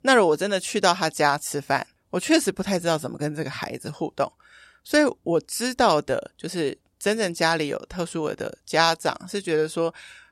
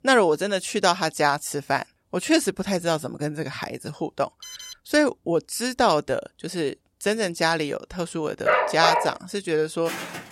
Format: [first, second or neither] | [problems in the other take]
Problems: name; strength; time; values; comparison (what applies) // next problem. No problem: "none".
first | alarm; faint; at 4.5 s; peak 10 dB below the speech // dog barking; loud; at 8.5 s; peak 4 dB above the speech // footsteps; noticeable; at 10 s; peak 8 dB below the speech